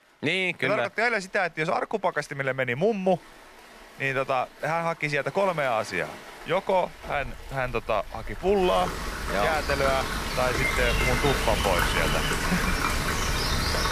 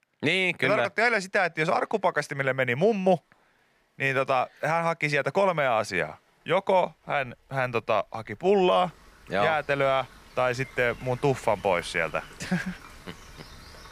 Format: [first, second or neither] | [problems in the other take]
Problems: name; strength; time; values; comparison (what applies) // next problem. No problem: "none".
second | rain or running water; loud; throughout; as loud as the speech; faint in the second